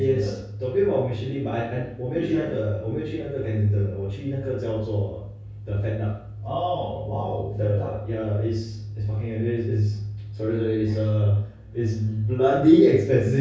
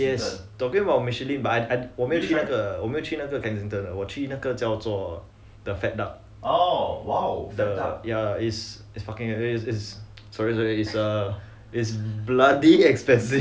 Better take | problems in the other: second | room echo; dies away in 0.6 s

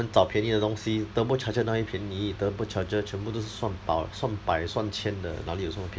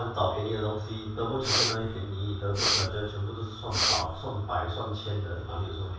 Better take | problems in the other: first | background sound (Breathing); as loud as the speech // room echo; dies away in 0.7 s

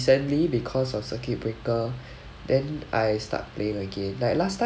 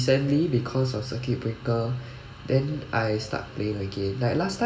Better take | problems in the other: first | room echo; dies away in 1.3 s

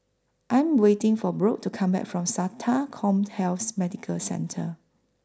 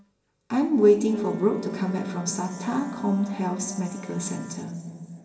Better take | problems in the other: first | background sound (Wind instrument, woodwind instrument); 18 dB below the speech // room echo; dies away in 2.4 s

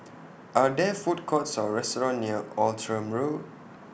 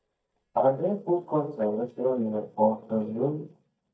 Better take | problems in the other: first | noise reduction (neural mask model DeepFilterNet 3)

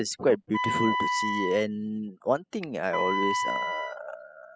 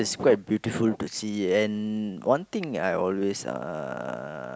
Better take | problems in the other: second | noise reduction (classical method spectral subtraction)

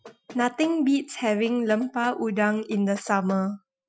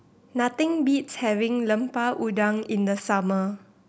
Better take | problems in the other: second | noise reduction (classical method Wiener filter)

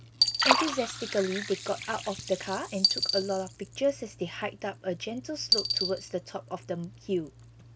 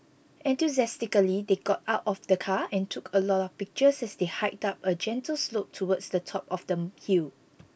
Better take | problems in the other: second | background sound (Liquid + Coin (dropping)); as loud as the speech

